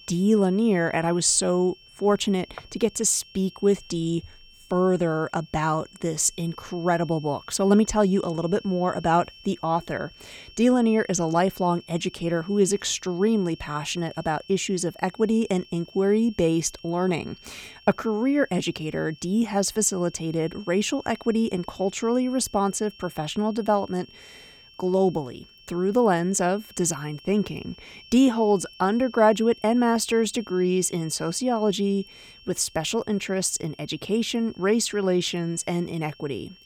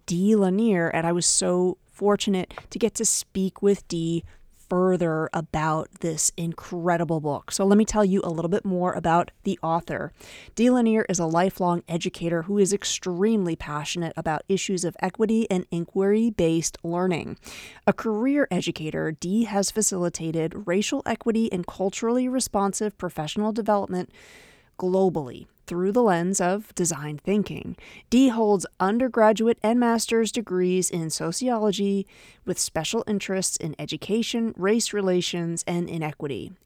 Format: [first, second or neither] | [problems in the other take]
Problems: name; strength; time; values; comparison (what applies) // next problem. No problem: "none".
second | high-pitched whine; faint; throughout; 3 kHz, 25 dB below the speech